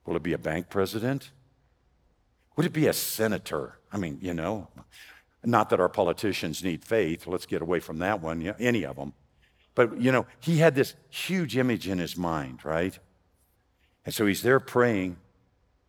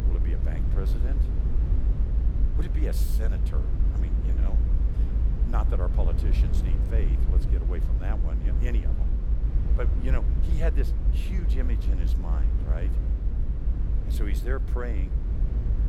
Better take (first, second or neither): first